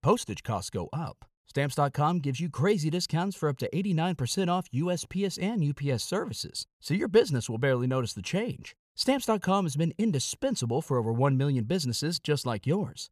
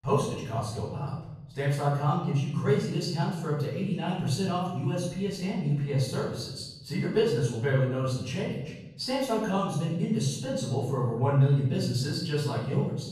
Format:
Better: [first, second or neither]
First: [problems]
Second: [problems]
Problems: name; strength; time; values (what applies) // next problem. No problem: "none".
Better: first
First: none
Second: off-mic speech; far // room echo; noticeable; dies away in 0.9 s